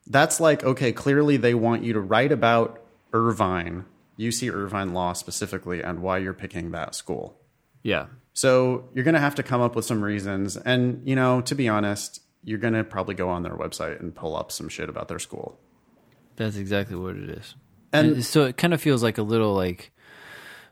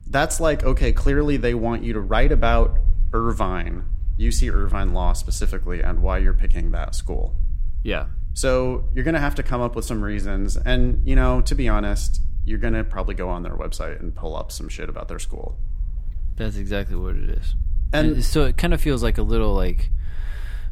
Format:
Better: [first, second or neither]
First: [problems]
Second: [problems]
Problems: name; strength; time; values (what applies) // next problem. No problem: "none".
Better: first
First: none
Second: low rumble; faint; throughout; 25 dB below the speech